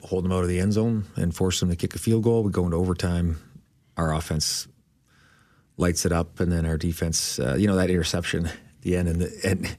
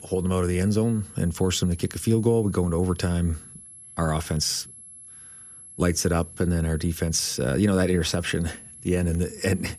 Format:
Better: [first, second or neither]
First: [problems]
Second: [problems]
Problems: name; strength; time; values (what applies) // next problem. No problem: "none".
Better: first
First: none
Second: high-pitched whine; noticeable; throughout; 11 kHz, 15 dB below the speech